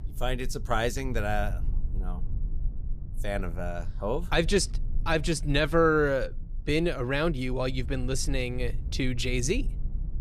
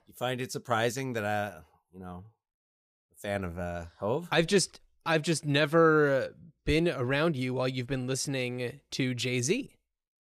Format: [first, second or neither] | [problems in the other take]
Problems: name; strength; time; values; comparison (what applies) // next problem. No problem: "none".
second | low rumble; faint; throughout; 25 dB below the speech